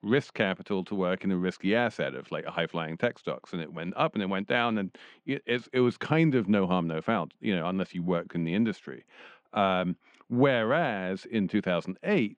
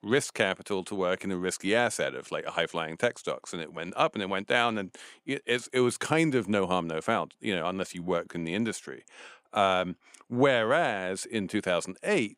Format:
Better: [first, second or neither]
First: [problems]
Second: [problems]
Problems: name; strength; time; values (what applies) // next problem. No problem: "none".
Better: second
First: muffled; slightly; fading above 4 kHz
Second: none